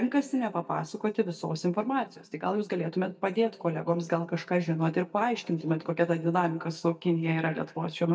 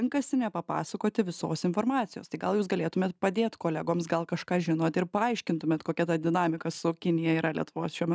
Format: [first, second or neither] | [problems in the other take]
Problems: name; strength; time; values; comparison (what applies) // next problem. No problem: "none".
second | noise reduction (neural mask model DeepFilterNet 3)